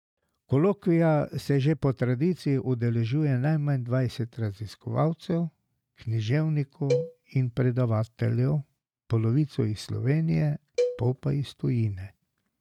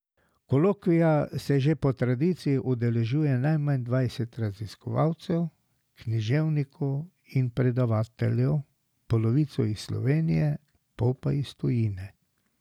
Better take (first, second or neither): second